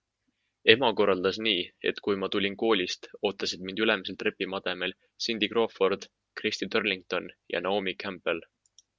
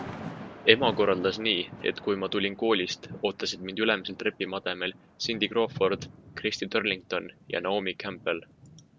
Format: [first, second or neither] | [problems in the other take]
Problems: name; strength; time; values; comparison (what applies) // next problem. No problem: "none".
first | background sound (Thunder / Rain); 15 dB below the speech